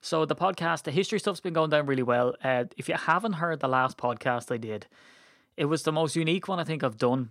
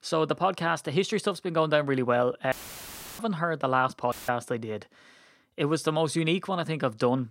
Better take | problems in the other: first | audio cutting out; filled with static; at 2.5 s for 0.5 s and at 4 s

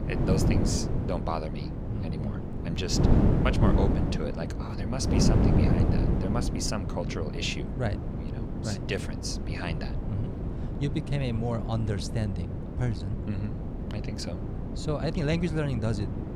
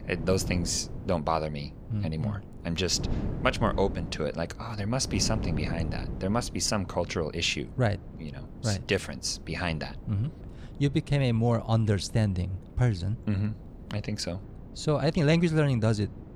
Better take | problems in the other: second | wind noise on the microphone; heavy; 2 dB below the speech; occasional gusts in the second

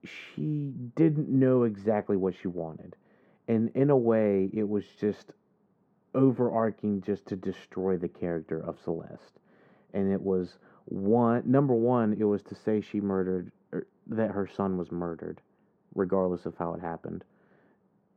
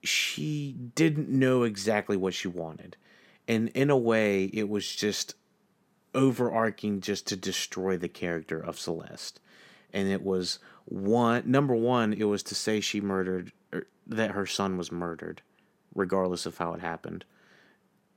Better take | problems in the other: second | muffled; very; fading above 2.5 kHz

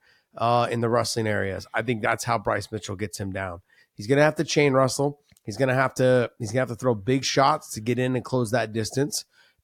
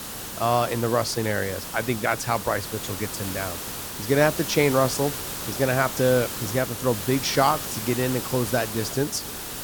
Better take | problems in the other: first | hiss; loud; throughout; 6 dB below the speech

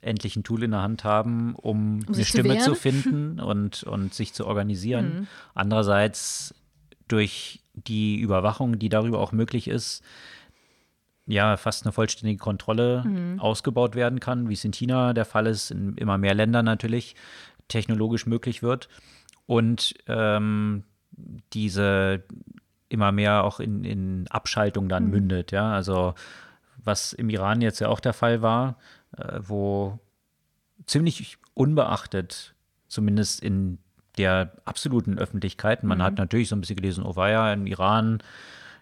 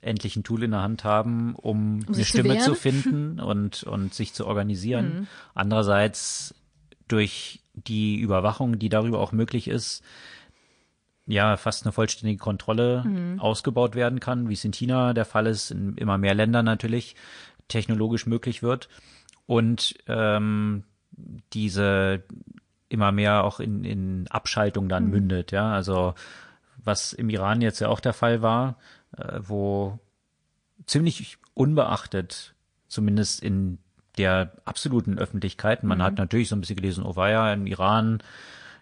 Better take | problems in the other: first | garbled, watery; slightly; nothing above 9 kHz

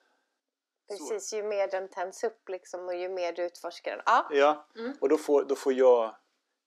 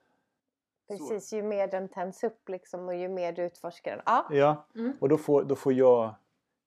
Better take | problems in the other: second | thin; very slightly; fading below 300 Hz

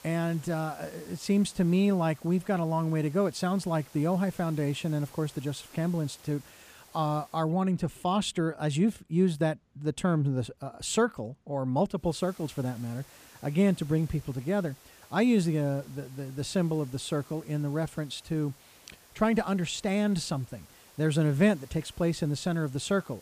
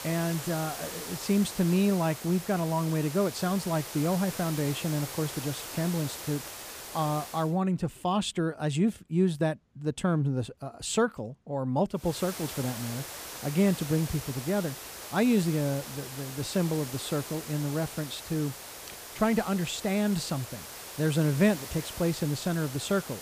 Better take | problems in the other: first | hiss; loud; until 7.5 s and from 12 s on; 10 dB below the speech; faint in the first

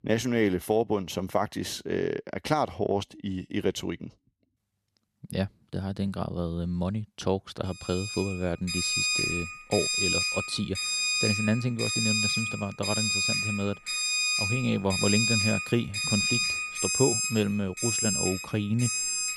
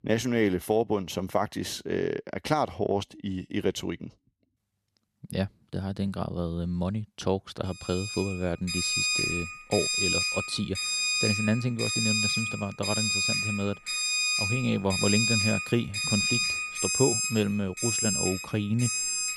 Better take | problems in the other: neither | alarms or sirens; very loud; from 8.5 s on; 3 dB above the speech; the same in both

